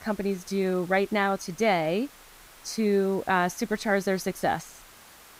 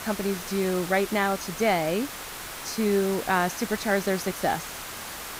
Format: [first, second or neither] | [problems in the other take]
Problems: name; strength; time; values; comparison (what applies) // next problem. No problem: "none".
first | hiss; loud; throughout; 9 dB below the speech; faint in the first